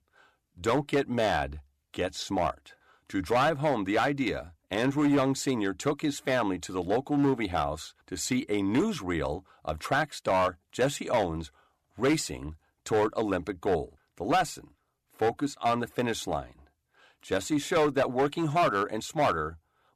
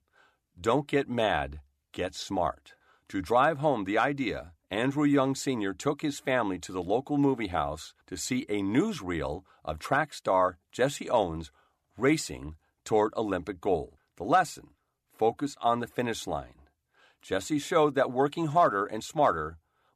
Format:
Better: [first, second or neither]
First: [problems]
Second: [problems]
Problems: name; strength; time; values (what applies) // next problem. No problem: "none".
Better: second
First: distortion; slight; 5% of the sound clipped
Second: none